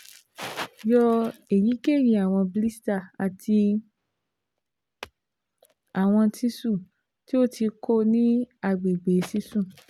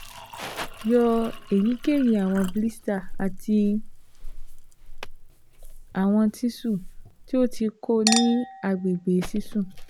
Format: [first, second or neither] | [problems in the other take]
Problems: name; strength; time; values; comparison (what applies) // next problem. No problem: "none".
first | background sound (Chink, clink); 9 dB below the speech